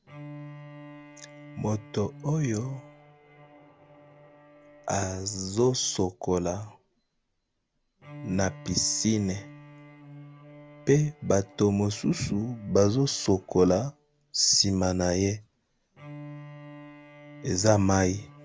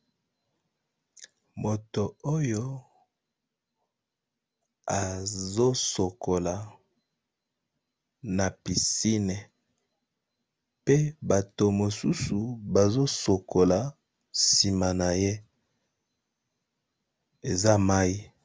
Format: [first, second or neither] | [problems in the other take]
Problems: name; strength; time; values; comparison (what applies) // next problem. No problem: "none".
second | background sound (Bowed string instrument); 20 dB below the speech